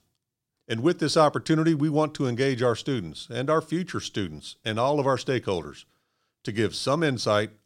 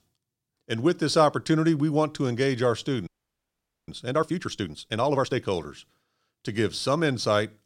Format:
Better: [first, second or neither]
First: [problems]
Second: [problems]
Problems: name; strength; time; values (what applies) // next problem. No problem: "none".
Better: first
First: none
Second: audio freezing; at 3 s for 1 s